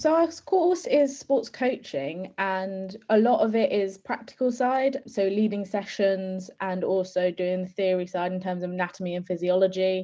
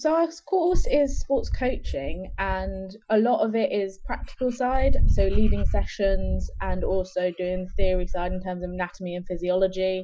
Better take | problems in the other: first | noise reduction (classical method Wiener filter)

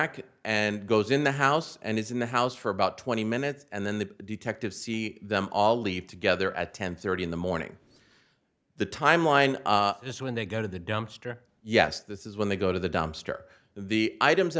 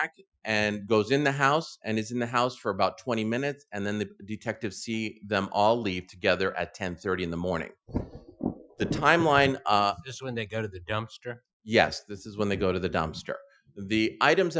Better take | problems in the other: first | noise reduction (classical method Wiener filter)

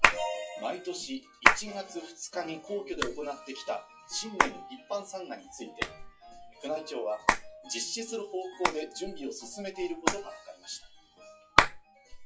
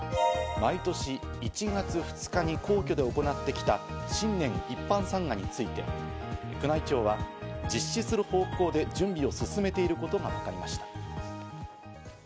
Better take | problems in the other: second | noise reduction (classical method WPE with log-MMSE)

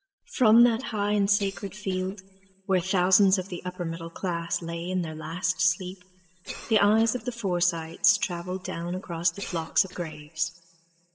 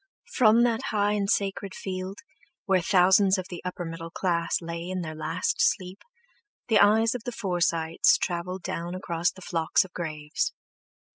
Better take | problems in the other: second | noise reduction (neural separator model SepFormer DNS4)

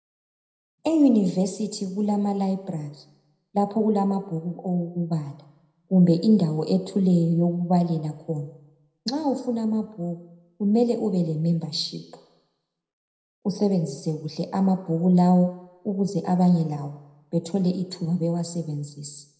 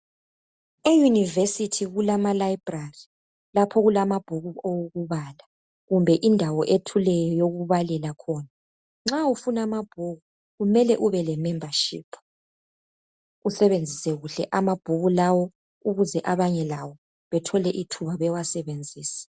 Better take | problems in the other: second | room echo; dies away in 0.7 s

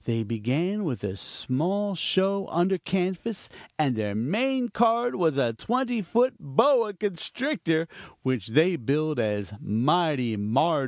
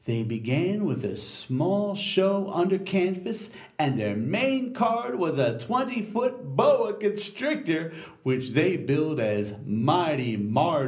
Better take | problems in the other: first | room echo; dies away in 0.5 s

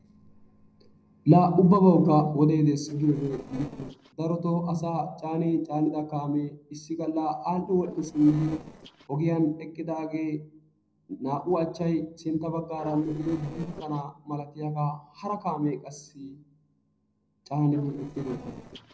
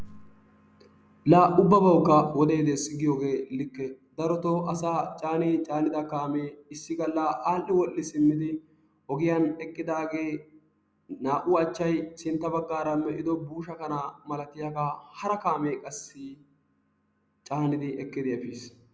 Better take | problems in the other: second | noise reduction (neural separator model SepFormer DNS4)

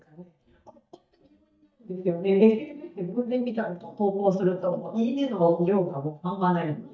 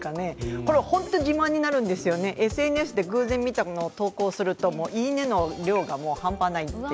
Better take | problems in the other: second | noise reduction (neural mask model DeepFilterNet 3)

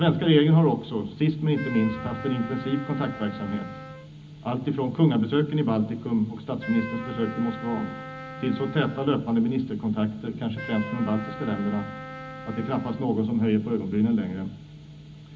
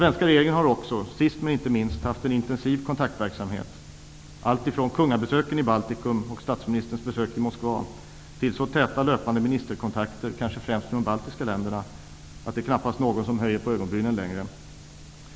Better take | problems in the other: second | background sound (Wind instrument, woodwind instrument); 14 dB below the speech // room echo; dies away in 0.4 s

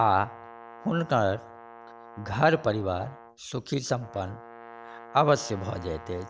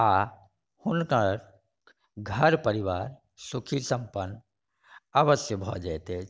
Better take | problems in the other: second | background sound (Brass instrument); 18 dB below the speech

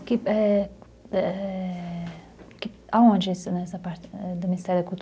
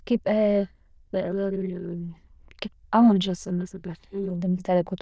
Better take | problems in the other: first | noise reduction (neural diffusion model UNIVERSE++)

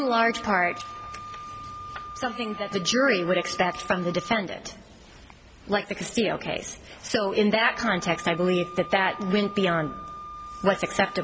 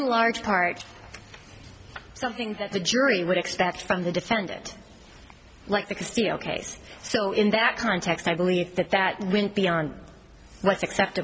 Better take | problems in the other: second | background sound (Wind instrument, woodwind instrument); 14 dB below the speech

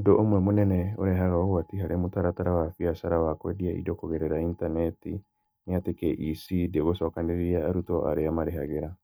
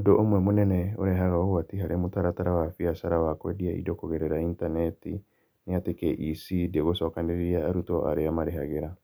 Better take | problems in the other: second | noise reduction (neural mask model DeepFilterNet 3)

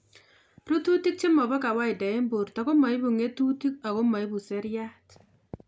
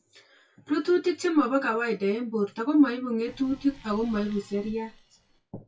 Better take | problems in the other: first | noise reduction (classical method WPE with log-MMSE)

